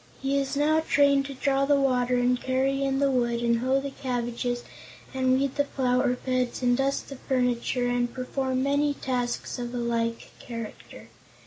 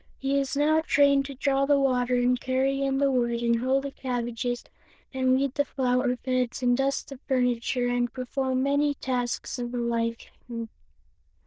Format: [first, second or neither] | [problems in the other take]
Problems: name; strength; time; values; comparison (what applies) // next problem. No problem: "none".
first | noise reduction (neural diffusion model UNIVERSE++)